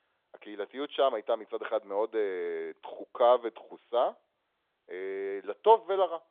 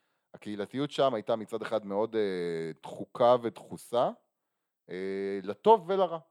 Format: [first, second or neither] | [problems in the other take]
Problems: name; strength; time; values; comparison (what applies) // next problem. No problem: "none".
second | phone-call audio; nothing above 3.5 kHz